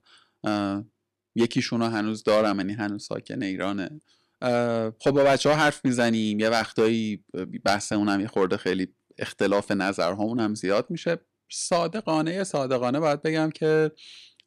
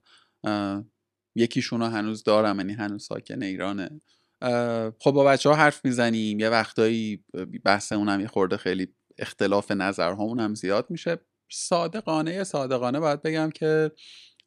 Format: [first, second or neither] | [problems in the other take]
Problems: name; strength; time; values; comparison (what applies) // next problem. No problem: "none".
second | distortion; slight; 2% of the sound clipped